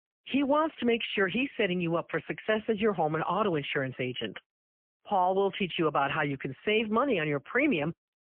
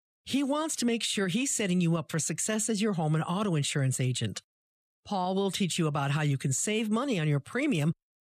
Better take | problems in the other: second | phone-call audio; poor line; nothing above 3 kHz

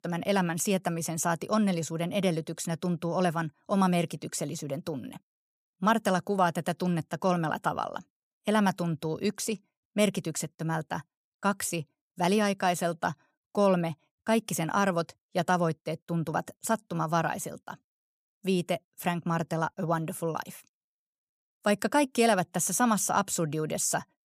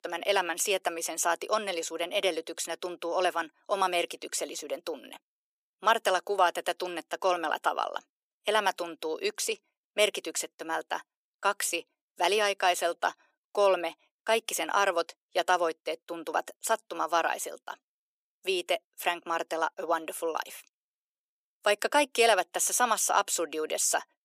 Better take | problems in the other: first | thin; very; fading below 350 Hz

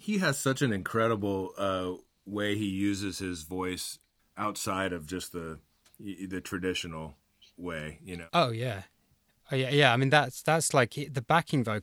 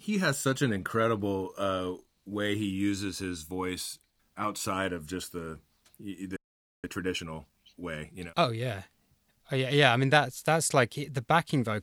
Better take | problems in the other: first | audio freezing; at 6.5 s

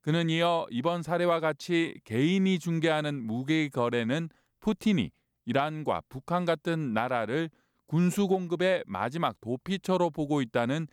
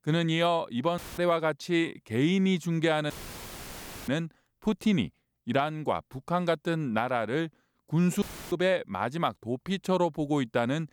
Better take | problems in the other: first | audio cutting out; filled with static; at 1 s, at 3 s for 1 s and at 8 s

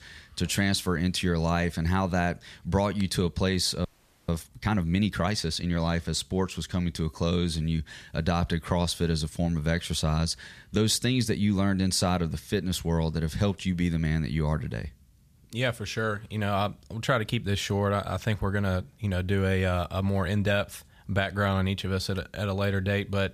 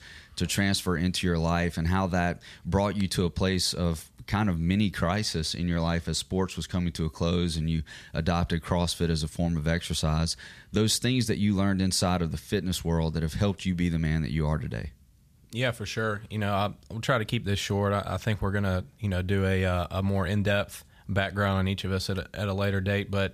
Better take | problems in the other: second | audio freezing; at 4 s

